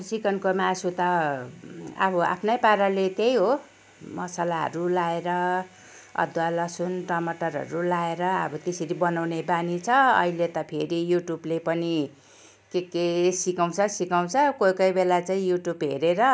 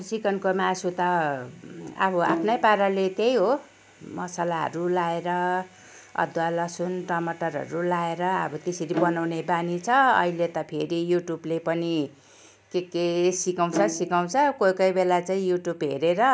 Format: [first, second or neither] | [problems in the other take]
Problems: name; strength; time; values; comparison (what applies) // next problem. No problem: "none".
first | background sound (Bowed string instrument); 9 dB below the speech